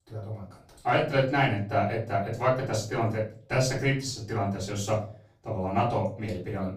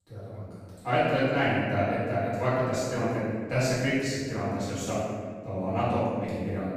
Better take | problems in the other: first | room echo; strong; dies away in 1.8 s; slight in the first // off-mic speech; far; far in the first

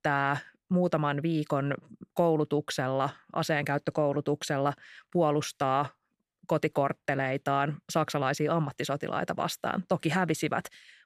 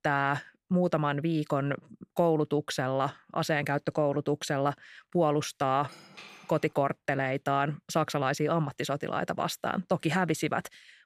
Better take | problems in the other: first | clattering dishes; faint; at 6 s; peak 20 dB below the speech

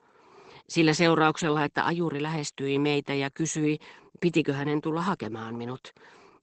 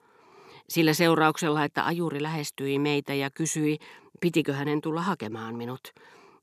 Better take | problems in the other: second | garbled, watery; badly; nothing above 8 kHz

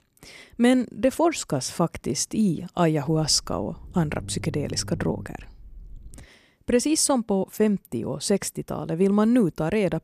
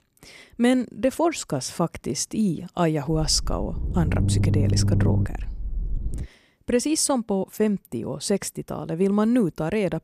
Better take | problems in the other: first | low rumble; loud; from 3 to 6 s; 9 dB below the speech; faint in the first

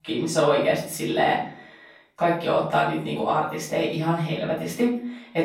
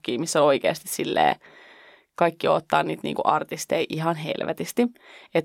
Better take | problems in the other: second | room echo; noticeable; dies away in 0.5 s // off-mic speech; far

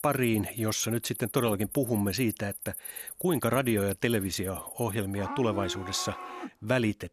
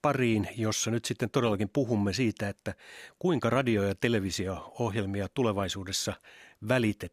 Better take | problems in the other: second | animal sounds; loud; throughout; 10 dB below the speech

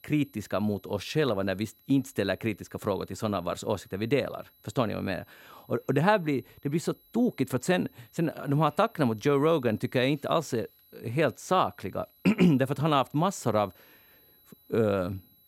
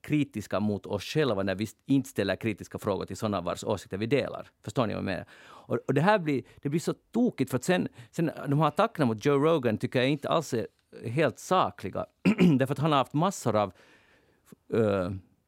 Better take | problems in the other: second | high-pitched whine; faint; throughout; 12 kHz, 30 dB below the speech

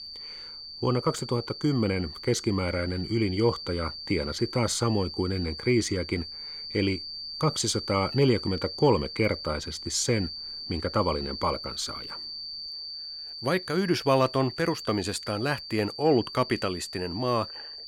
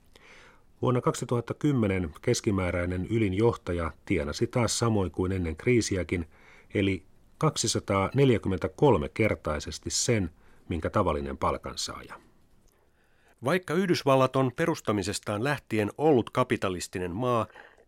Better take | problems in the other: second | high-pitched whine; loud; throughout; 4.5 kHz, 9 dB below the speech

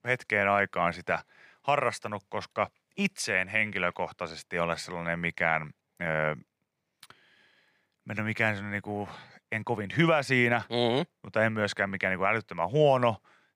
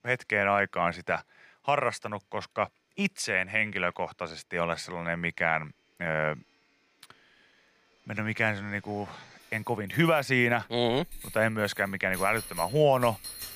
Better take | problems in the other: first | household noises; noticeable; throughout; 15 dB below the speech

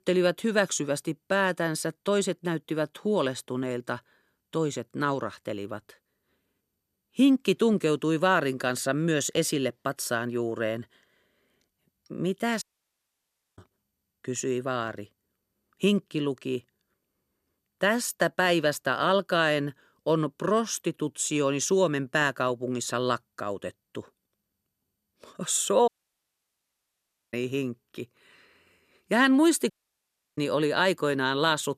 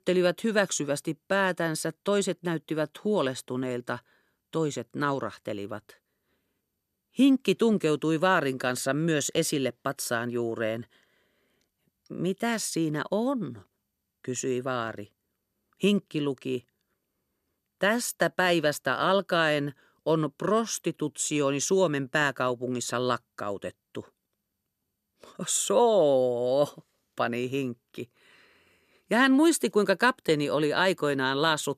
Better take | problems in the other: second | audio cutting out; at 13 s for 1 s, at 26 s for 1.5 s and at 30 s for 0.5 s

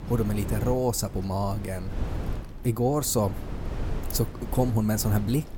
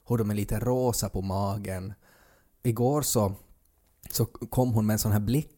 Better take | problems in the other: second | wind noise on the microphone; occasional gusts; 10 dB below the speech

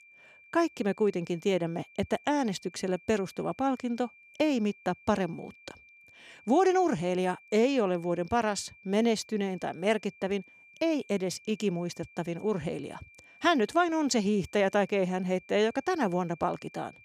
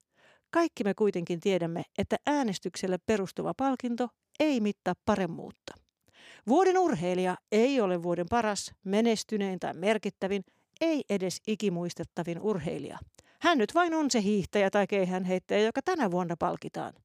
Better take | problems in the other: second | high-pitched whine; faint; throughout; 2.5 kHz, 25 dB below the speech

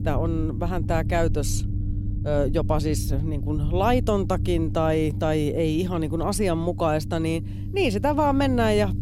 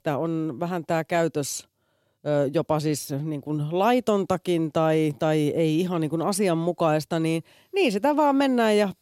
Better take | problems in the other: second | low rumble; noticeable; throughout; 15 dB below the speech

